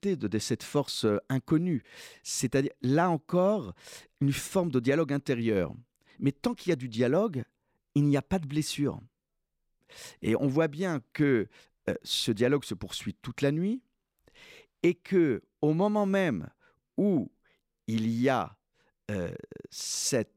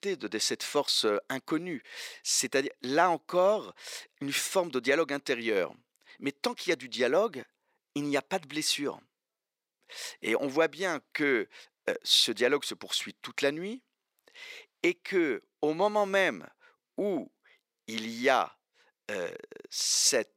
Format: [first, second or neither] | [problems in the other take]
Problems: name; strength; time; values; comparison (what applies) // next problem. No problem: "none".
first | thin; somewhat; fading below 500 Hz